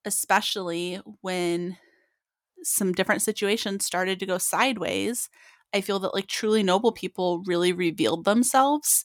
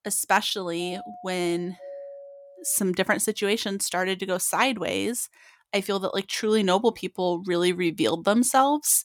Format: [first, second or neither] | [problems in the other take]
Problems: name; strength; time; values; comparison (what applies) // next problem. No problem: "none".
first | doorbell; faint; from 1 to 3 s; peak 15 dB below the speech